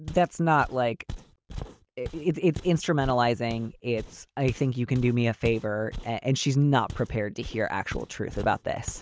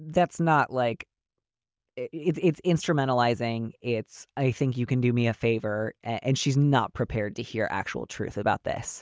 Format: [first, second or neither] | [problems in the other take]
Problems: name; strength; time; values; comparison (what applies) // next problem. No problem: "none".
second | background sound (Walk, footsteps); 14 dB below the speech